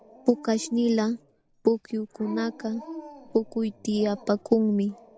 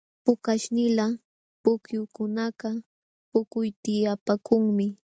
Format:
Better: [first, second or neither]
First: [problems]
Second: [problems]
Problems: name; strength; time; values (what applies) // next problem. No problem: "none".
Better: second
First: background sound (Dog); 18 dB below the speech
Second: none